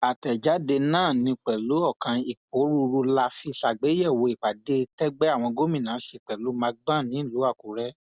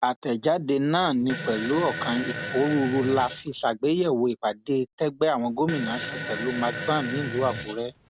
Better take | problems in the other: first | background sound (Fart); 8 dB below the speech

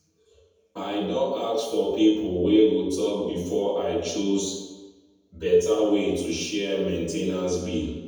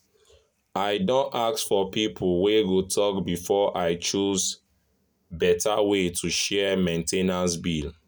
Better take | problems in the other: second | room echo; dies away in 1.1 s

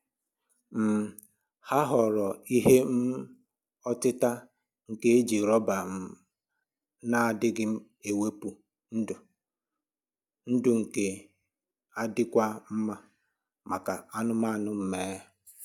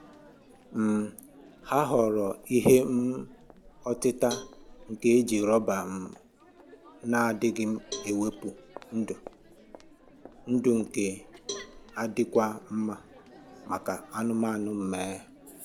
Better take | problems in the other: first | background sound (Crowd + Cowbell); 18 dB below the speech

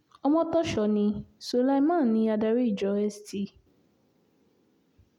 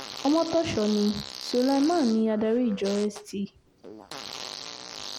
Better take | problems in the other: first | background sound (Fart); 13 dB below the speech

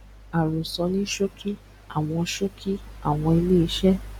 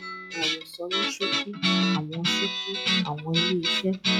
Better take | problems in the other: first | noise reduction (classical method log-MMSE)

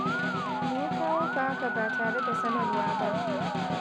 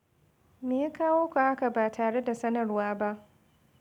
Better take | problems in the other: second | background sound (Musical instrument + Snare drum); 4 dB above the speech

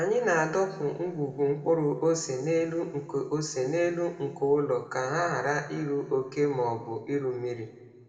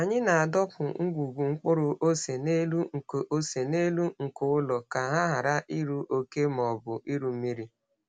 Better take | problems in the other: second | room echo; dies away in 1.4 s

